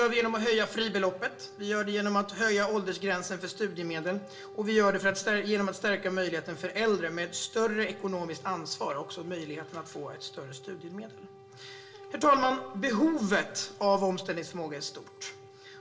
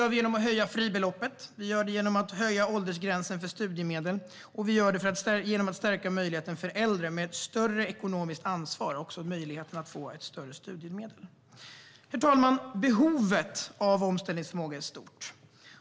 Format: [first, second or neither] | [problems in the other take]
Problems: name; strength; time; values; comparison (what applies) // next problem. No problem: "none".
second | background sound (Brass instrument); 20 dB below the speech // room echo; dies away in 0.4 s